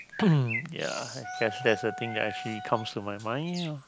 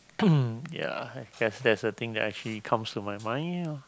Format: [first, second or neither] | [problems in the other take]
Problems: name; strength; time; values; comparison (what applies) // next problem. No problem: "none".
second | background sound (Wind instrument, woodwind instrument + Bird); 10 dB below the speech